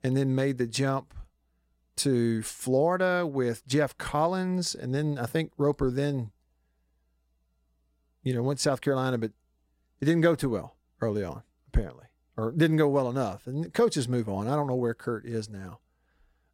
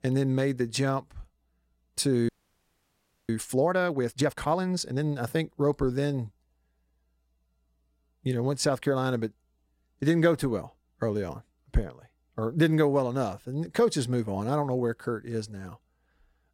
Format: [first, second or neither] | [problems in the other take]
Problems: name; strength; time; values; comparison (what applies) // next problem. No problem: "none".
first | audio freezing; at 2.5 s for 1 s